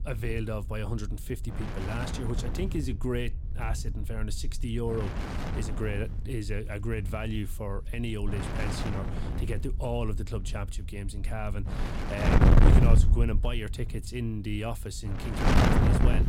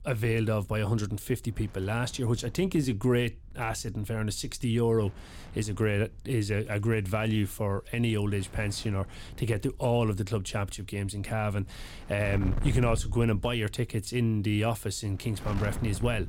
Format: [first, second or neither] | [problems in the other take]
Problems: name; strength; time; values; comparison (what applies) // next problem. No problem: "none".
second | wind noise on the microphone; heavy; 4 dB above the speech; occasional gusts in the second